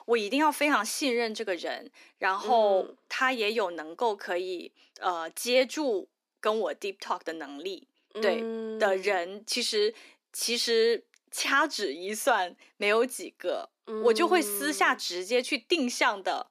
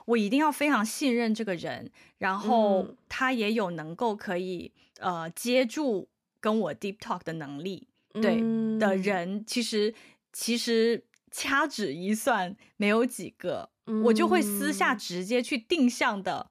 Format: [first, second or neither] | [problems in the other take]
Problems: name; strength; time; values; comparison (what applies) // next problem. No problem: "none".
second | thin; somewhat; fading below 300 Hz